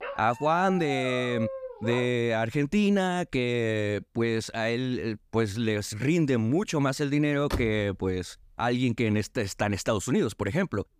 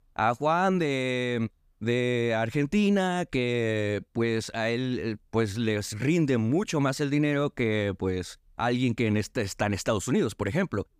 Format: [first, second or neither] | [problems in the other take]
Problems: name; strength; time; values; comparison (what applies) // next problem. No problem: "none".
second | dog barking; noticeable; until 2 s; peak 7 dB below the speech // door banging; noticeable; at 7.5 s; peak 7 dB below the speech